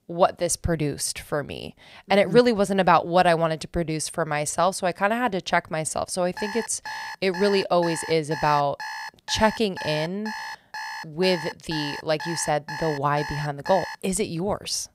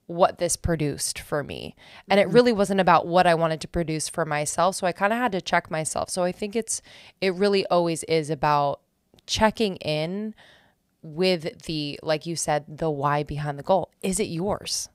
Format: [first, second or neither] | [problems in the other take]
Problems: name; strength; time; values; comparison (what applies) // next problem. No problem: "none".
second | alarm; noticeable; from 6.5 to 14 s; peak 9 dB below the speech